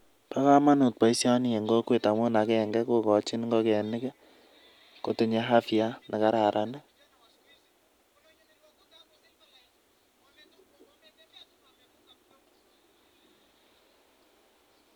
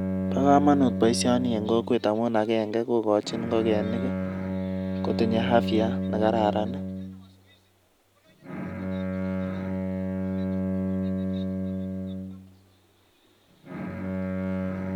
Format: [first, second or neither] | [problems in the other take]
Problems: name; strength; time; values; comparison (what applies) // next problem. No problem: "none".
first | background sound (Bowed string instrument); 2 dB below the speech